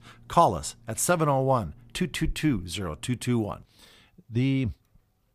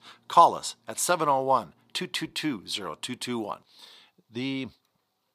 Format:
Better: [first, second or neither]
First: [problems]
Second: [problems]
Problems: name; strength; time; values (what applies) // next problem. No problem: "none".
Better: first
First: none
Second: thin; somewhat; fading below 300 Hz